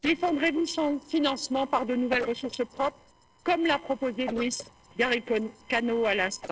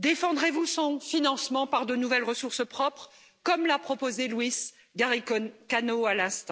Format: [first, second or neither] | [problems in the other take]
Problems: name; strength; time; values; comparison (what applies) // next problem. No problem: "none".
second | noise reduction (neural separator model SepFormer DNS4)